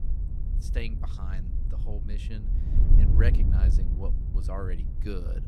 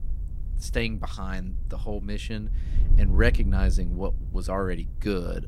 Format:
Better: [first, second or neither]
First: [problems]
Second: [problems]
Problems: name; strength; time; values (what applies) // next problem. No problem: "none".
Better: second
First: wind noise on the microphone; heavy; 4 dB below the speech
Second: wind noise on the microphone; occasional gusts; 15 dB below the speech